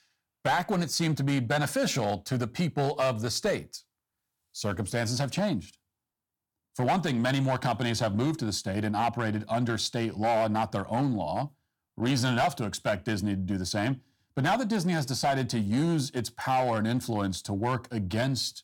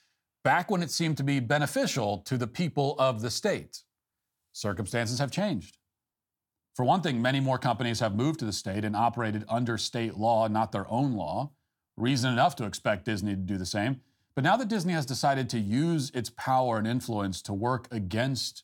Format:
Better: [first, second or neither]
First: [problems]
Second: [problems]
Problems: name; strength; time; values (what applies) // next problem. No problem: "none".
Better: second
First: distortion; slight; 6% of the sound clipped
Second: none